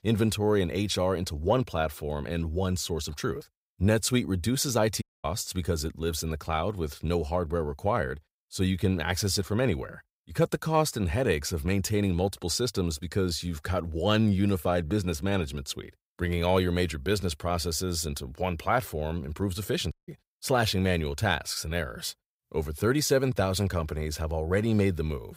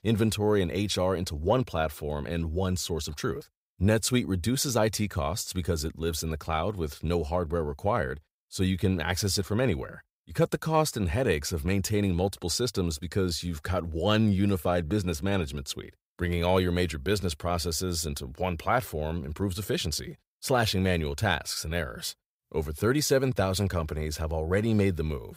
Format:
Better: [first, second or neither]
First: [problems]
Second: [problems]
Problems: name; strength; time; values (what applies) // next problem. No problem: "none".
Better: second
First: audio cutting out; at 5 s and at 20 s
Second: none